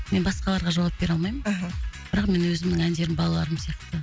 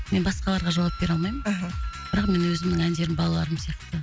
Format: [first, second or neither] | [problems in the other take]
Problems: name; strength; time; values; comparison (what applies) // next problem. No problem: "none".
first | background sound (Wind instrument, woodwind instrument); 17 dB below the speech